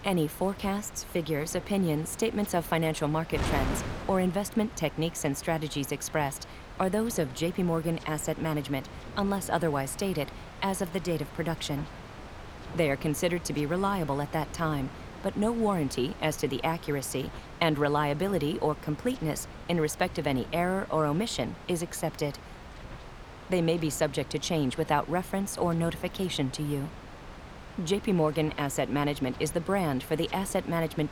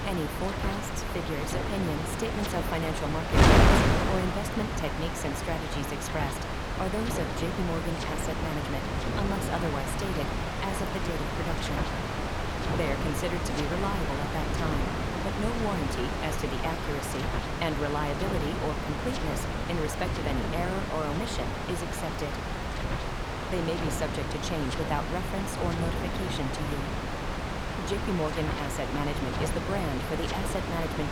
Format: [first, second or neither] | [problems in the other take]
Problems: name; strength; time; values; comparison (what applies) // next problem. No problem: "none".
first | wind noise on the microphone; heavy; 3 dB above the speech; occasional gusts in the first